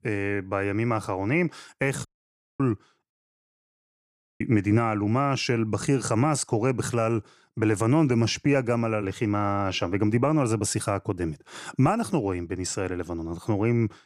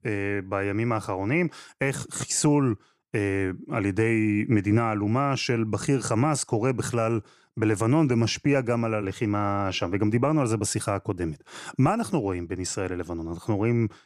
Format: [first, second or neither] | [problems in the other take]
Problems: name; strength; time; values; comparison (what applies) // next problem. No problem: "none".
second | audio cutting out; at 2 s for 0.5 s and at 3 s for 1.5 s